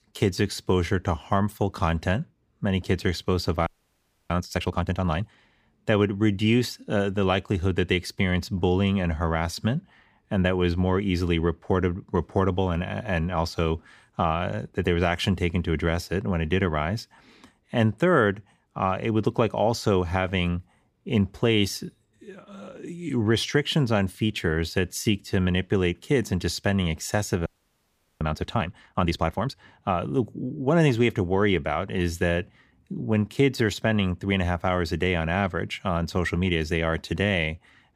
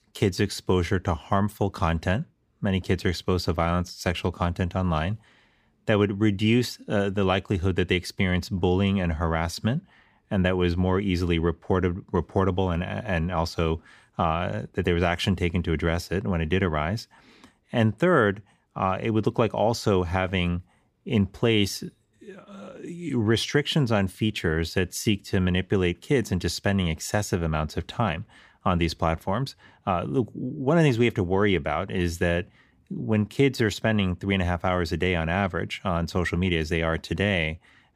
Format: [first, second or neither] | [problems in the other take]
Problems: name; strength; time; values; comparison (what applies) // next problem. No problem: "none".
second | audio freezing; at 3.5 s for 0.5 s and at 27 s for 1 s